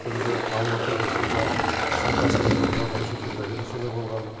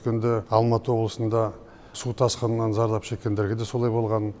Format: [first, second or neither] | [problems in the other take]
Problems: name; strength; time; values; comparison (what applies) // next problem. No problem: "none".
second | background sound (Engine); 4 dB above the speech // room echo; dies away in 2.7 s